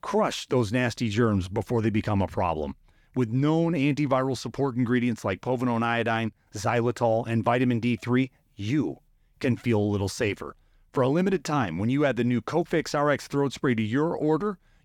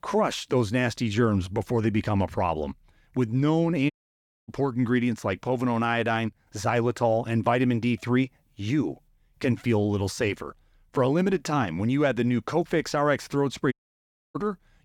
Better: first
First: none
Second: audio cutting out; at 4 s for 0.5 s and at 14 s for 0.5 s

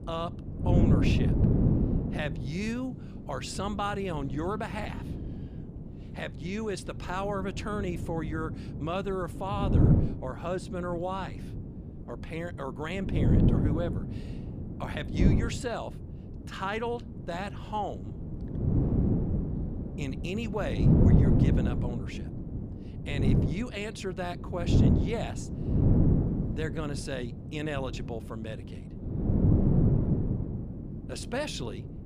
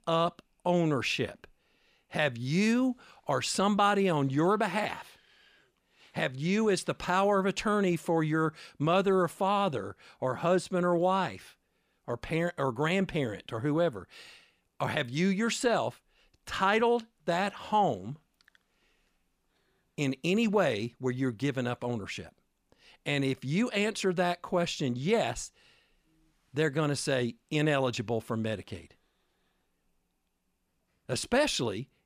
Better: second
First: wind noise on the microphone; heavy; 1 dB below the speech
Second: none

